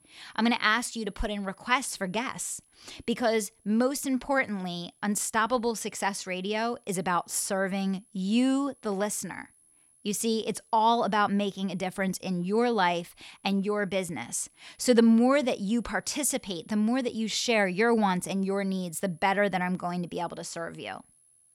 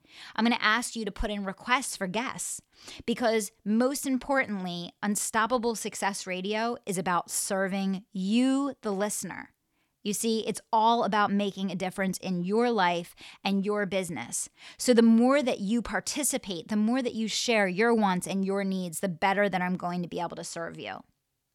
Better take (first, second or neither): second